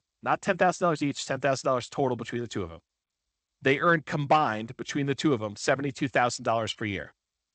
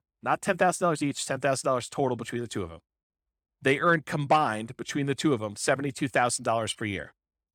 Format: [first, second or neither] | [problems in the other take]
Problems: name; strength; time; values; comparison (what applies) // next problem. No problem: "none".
second | garbled, watery; slightly; nothing above 8 kHz